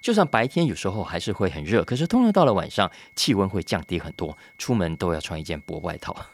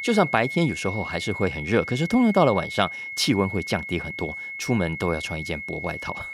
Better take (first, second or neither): first